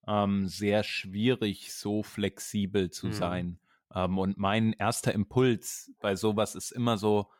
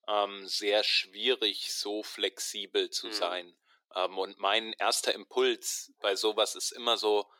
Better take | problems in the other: first | thin; very; fading below 350 Hz

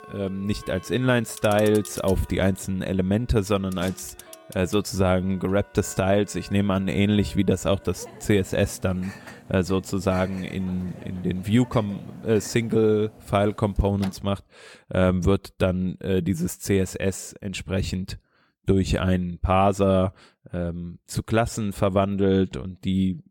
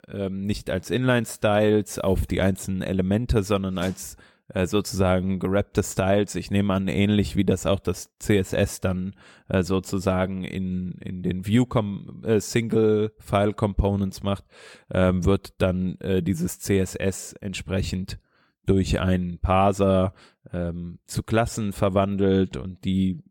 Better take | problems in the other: second | household noises; noticeable; until 14 s; 20 dB below the speech

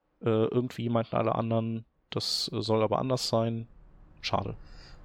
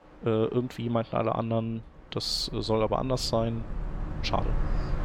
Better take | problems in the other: first | train or aircraft noise; loud; throughout; 8 dB below the speech; faint in the first

